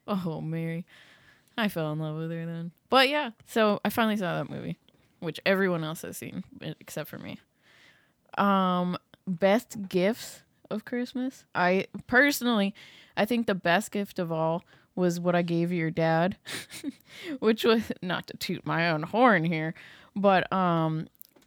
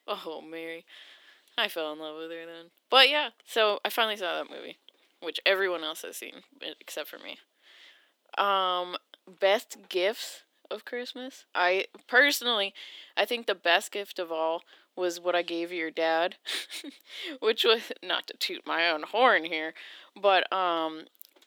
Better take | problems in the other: first | thin; very; fading below 350 Hz

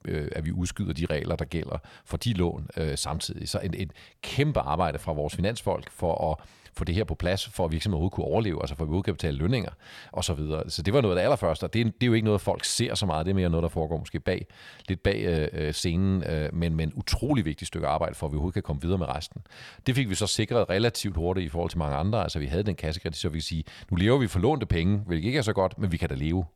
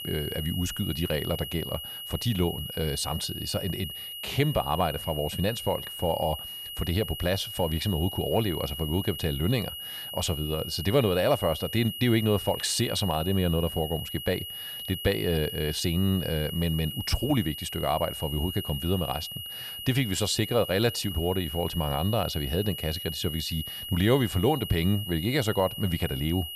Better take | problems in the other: first | high-pitched whine; loud; throughout; 3 kHz, 7 dB below the speech

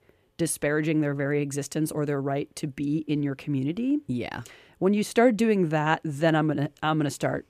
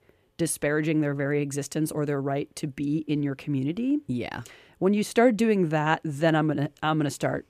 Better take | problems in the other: neither | none

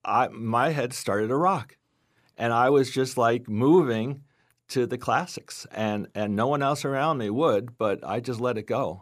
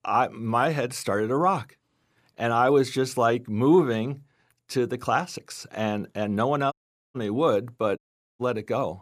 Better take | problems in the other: first | audio cutting out; at 6.5 s and at 8 s

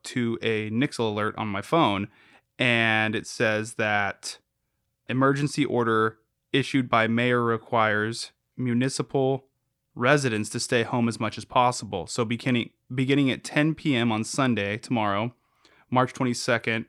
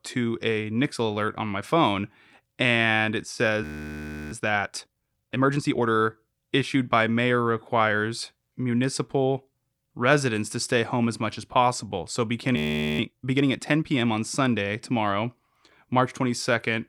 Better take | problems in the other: first | audio freezing; at 3.5 s for 0.5 s and at 13 s

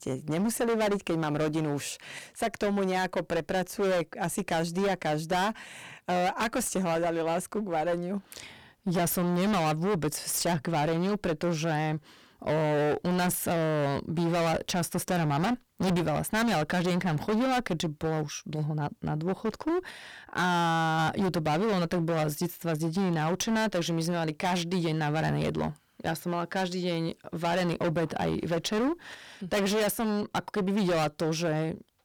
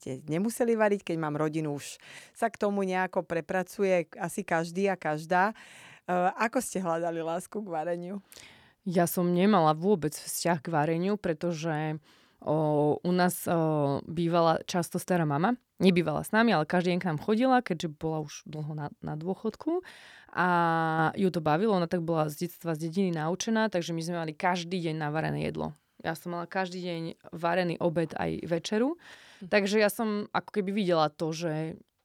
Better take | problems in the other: second | distortion; heavy; 24% of the sound clipped

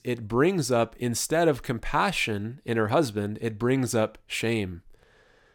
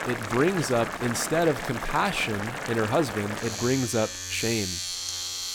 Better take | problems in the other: first | household noises; loud; throughout; 4 dB below the speech

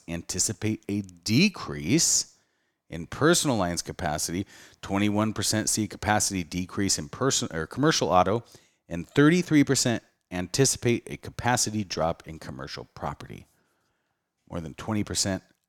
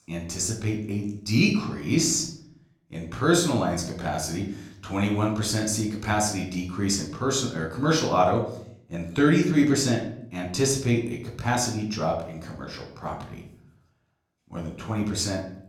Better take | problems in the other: first | off-mic speech; somewhat distant // room echo; slight; dies away in 0.6 s

